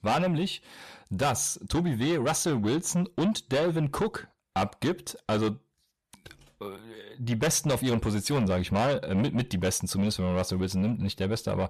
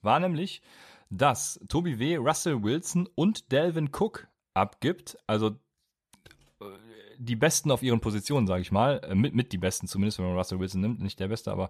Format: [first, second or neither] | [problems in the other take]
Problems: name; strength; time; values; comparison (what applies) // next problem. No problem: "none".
second | distortion; heavy; 7 dB below the speech